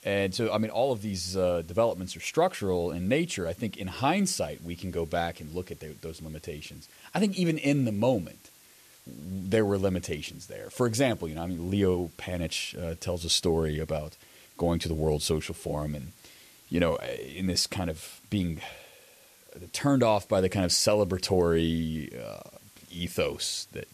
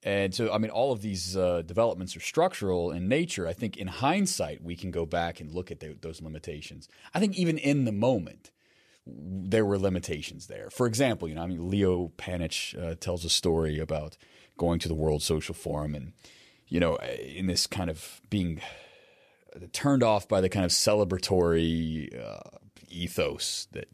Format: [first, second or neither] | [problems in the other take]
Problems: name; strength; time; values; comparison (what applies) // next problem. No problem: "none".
second | hiss; faint; throughout; 25 dB below the speech